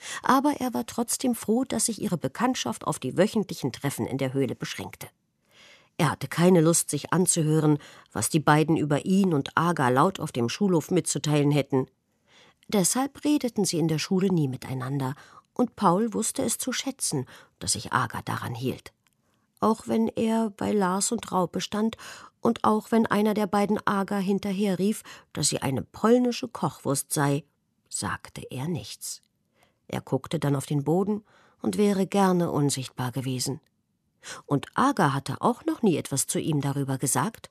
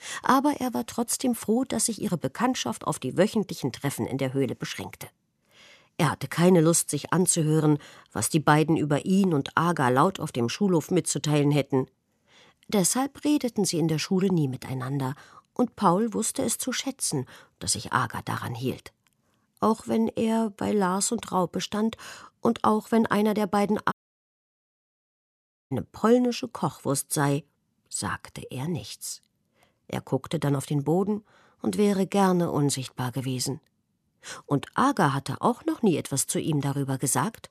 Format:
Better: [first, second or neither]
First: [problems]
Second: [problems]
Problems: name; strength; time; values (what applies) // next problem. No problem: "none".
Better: first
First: none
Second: audio cutting out; at 24 s for 2 s